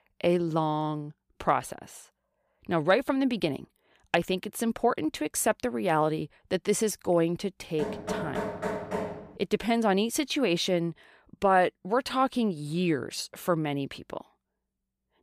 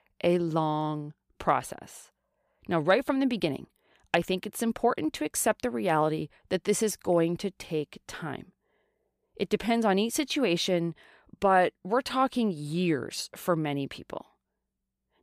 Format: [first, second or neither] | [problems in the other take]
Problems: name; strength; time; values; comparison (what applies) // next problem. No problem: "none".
second | door banging; noticeable; from 8 to 9.5 s; peak 4 dB below the speech